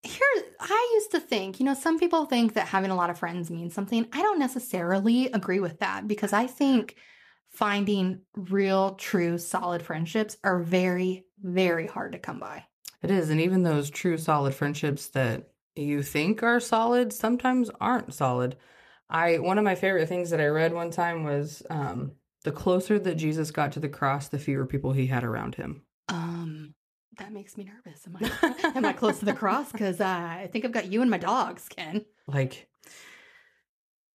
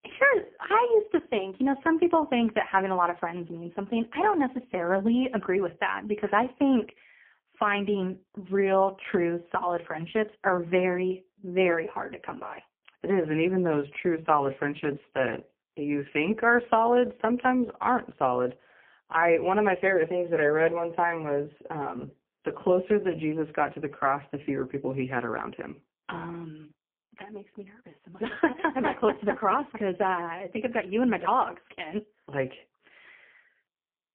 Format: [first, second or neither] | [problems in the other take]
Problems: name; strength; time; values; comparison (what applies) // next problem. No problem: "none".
first | phone-call audio; poor line; nothing above 3 kHz